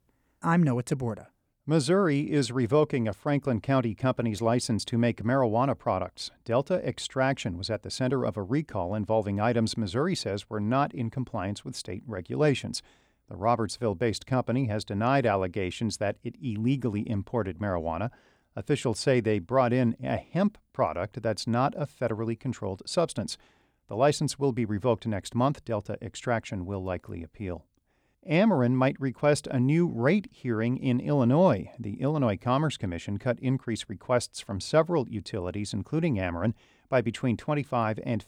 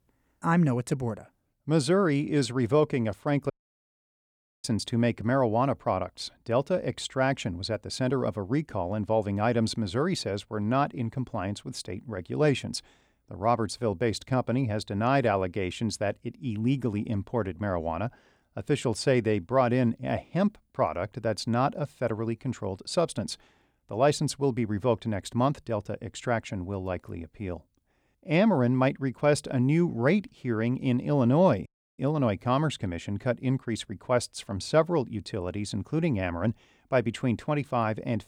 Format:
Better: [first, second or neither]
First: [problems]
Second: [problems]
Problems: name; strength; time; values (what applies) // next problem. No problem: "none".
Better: first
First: none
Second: audio cutting out; at 3.5 s for 1 s and at 32 s